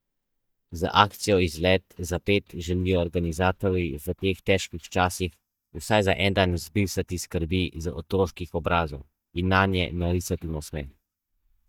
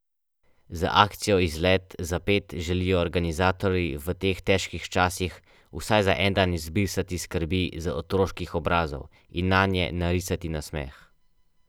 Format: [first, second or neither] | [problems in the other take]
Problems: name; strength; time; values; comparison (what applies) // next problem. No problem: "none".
second | noise reduction (neural mask model DeepFilterNet 3)